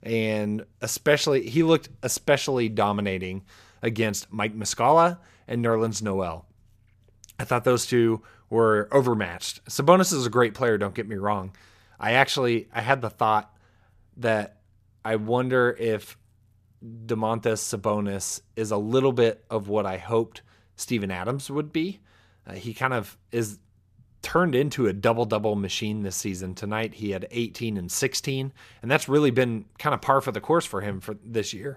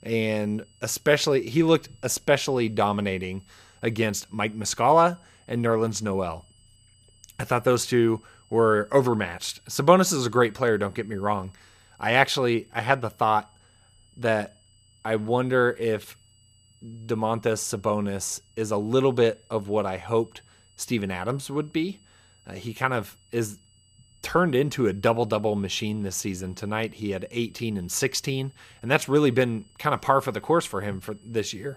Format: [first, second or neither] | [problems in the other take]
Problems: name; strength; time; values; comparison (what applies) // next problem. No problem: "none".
first | high-pitched whine; faint; throughout; 3 kHz, 35 dB below the speech